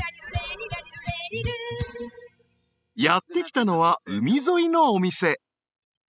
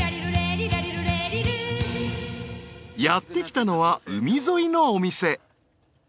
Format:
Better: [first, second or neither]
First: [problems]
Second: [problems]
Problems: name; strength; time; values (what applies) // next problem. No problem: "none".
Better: second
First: noise reduction (classical method spectral subtraction)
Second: none